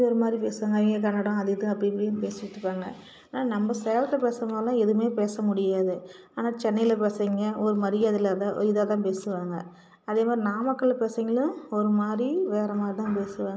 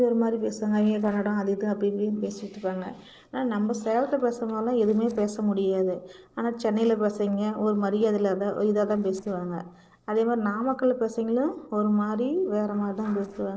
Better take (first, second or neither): first